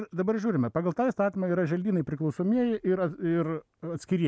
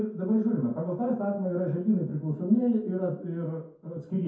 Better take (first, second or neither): first